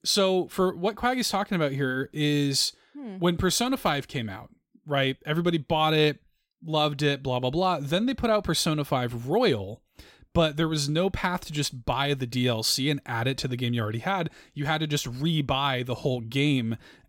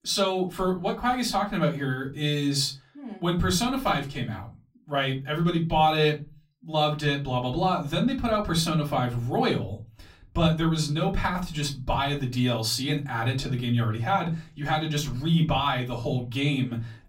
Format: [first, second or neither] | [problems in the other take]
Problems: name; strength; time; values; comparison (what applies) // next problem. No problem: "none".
first | off-mic speech; far // room echo; very slight; dies away in 0.3 s